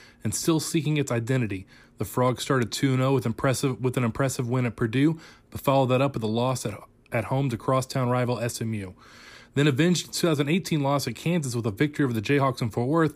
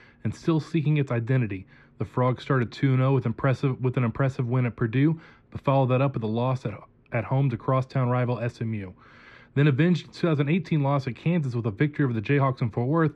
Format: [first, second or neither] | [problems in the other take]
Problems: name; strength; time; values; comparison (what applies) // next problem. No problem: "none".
first | muffled; slightly; fading above 2.5 kHz